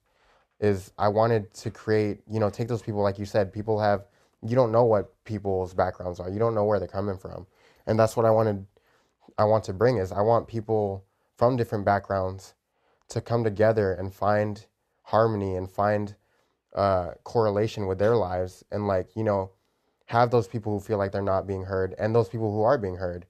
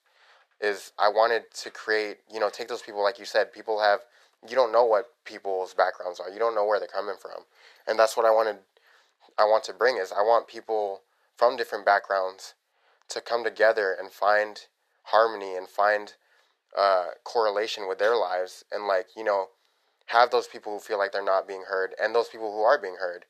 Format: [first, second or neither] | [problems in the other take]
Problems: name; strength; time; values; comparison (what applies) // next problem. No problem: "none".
first | thin; very; fading below 500 Hz